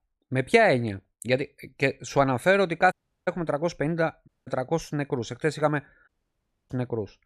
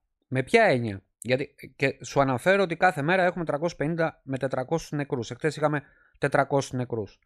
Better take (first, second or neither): second